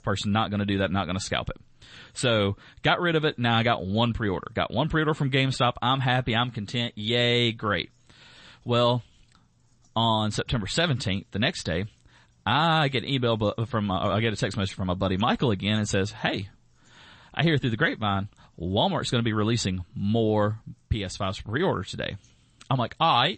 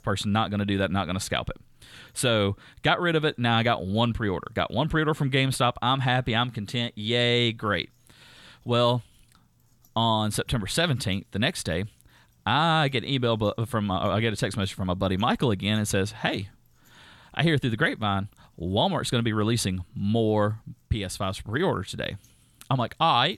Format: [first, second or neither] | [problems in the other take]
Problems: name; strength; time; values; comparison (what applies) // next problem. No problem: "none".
second | garbled, watery; slightly; nothing above 8 kHz